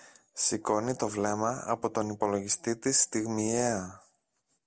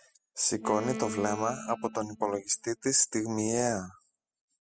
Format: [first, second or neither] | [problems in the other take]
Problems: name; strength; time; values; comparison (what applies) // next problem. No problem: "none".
first | noise reduction (classical method spectral subtraction)